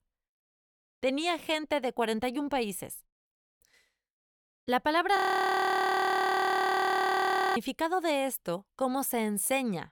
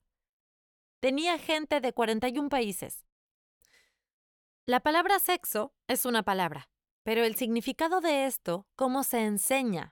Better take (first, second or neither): second